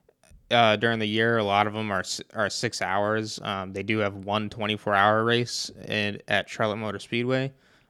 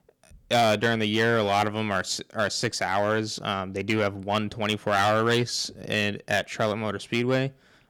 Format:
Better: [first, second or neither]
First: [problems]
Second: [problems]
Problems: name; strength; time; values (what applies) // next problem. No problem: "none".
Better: first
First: none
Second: distortion; slight; 4% of the sound clipped